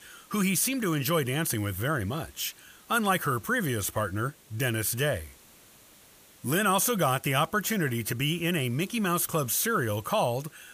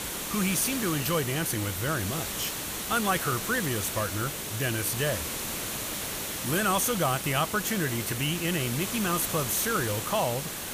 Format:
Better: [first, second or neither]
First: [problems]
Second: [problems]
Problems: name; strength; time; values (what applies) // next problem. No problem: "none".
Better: first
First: hiss; faint; throughout; 25 dB below the speech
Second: hiss; loud; throughout; 3 dB below the speech